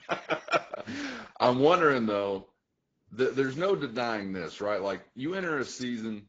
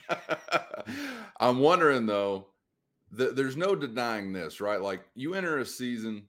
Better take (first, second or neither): second